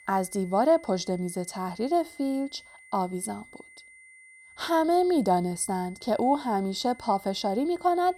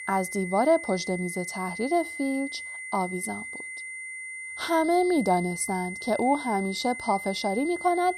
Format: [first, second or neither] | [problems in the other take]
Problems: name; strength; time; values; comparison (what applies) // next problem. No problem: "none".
first | high-pitched whine; loud; throughout; 2 kHz, 8 dB below the speech; faint in the first